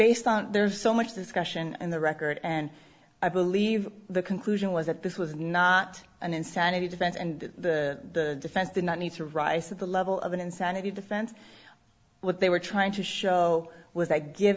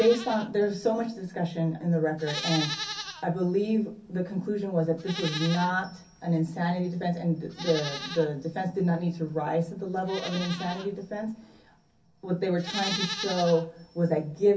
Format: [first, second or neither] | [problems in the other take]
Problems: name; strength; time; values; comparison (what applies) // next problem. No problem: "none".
first | background sound (Livestock, farm animals, working animals); 12 dB below the speech // room echo; dies away in 0.3 s